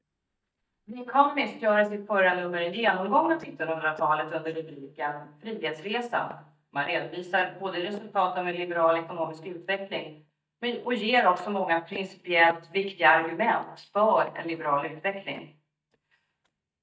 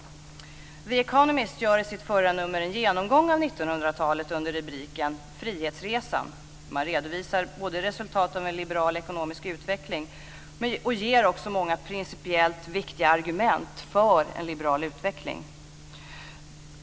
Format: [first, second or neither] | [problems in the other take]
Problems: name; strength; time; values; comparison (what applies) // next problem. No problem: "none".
second | noise reduction (neural mask model DeepFilterNet 3)